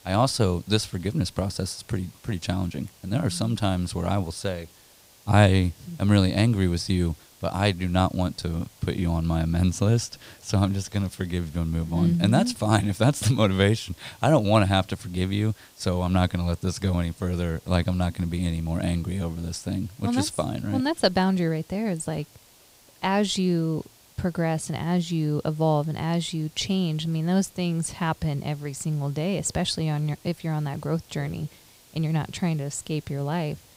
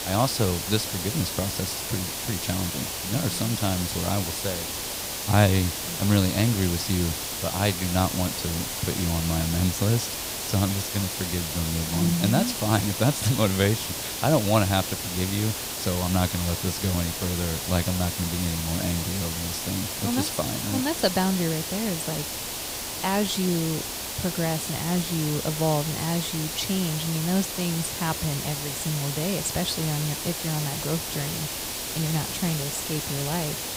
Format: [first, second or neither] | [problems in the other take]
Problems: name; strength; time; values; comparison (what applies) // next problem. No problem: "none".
first | hiss; loud; throughout; 2 dB below the speech; faint in the first